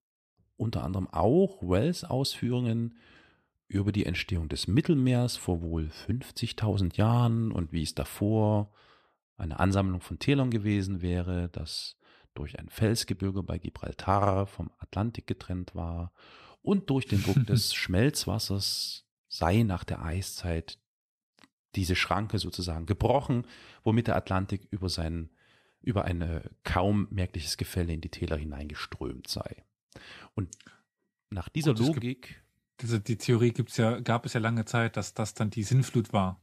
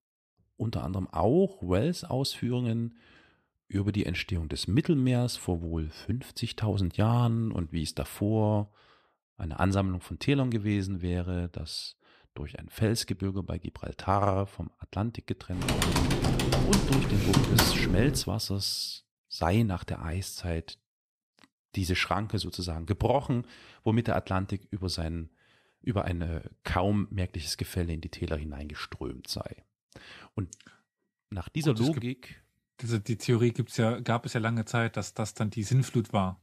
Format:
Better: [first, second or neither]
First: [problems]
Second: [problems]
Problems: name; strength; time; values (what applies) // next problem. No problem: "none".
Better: first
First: none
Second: keyboard typing; loud; from 16 to 18 s; peak 5 dB above the speech